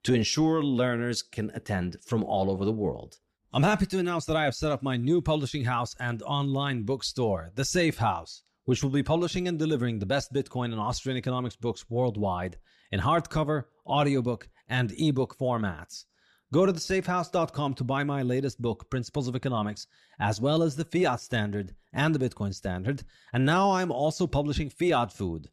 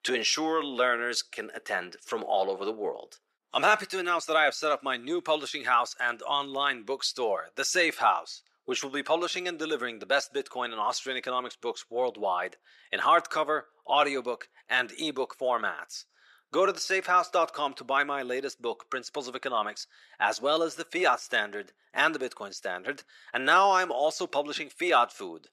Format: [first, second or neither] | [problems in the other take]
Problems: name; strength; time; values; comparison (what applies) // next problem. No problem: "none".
first | thin; very; fading below 450 Hz